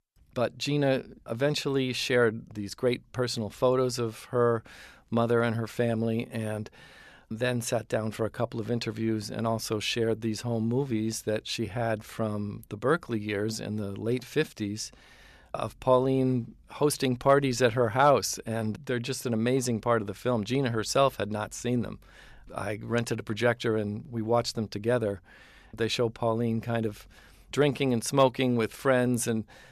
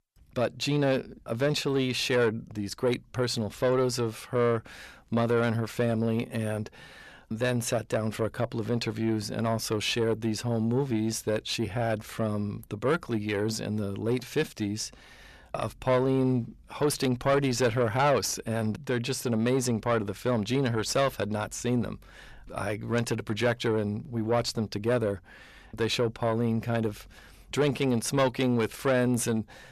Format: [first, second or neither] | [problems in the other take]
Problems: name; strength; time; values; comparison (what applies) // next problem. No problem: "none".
first | distortion; slight; 10 dB below the speech